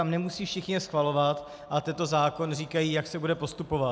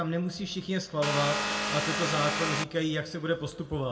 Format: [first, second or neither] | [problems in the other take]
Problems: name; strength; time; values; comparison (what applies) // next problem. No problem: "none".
first | background sound (Vehicle); 1 dB above the speech // room echo; dies away in 0.9 s